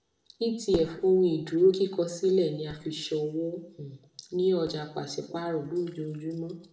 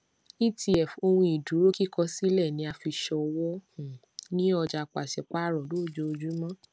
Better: second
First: room echo; dies away in 0.5 s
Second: none

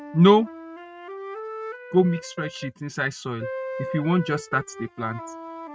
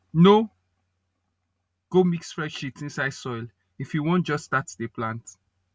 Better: second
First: noise reduction (neural mask model RNNoise)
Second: none

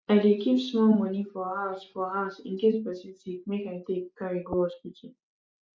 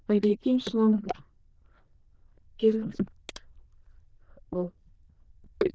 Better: first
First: none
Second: noise reduction (neural diffusion model UNIVERSE++)

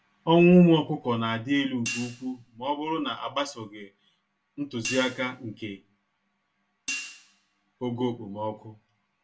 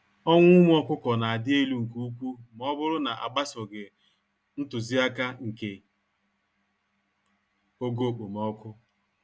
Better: second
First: background sound (Hi-hat); 14 dB below the speech // room echo; dies away in 0.2 s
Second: none

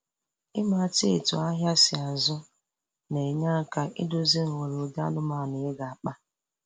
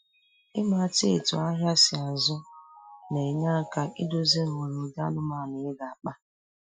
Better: first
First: none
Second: noise reduction (classical method Wiener filter)

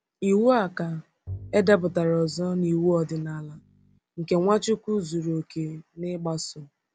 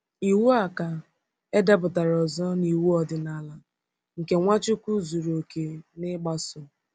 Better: second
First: background sound (Bowed string instrument); 19 dB below the speech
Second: none

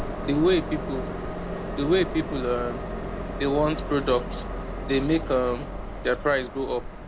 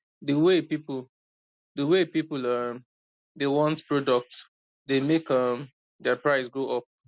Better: second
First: background sound (Train); 5 dB below the speech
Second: none

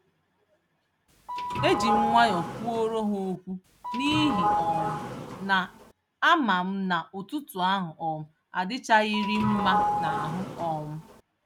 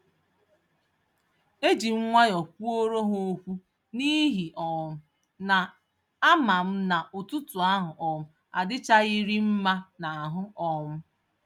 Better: second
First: background sound (Sliding door / Doorbell); 2 dB below the speech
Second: none

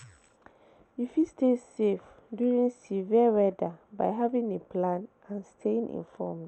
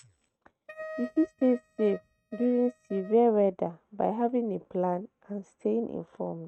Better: first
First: none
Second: noise reduction (neural mask model RNNoise)

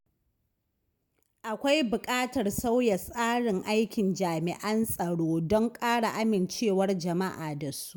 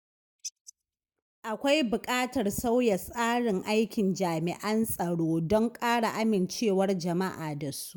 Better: first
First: none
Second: noise reduction (neural mask model DeepFilterNet 3)

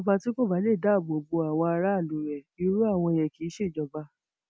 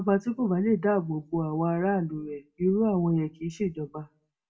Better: first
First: none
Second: room echo; dies away in 0.2 s

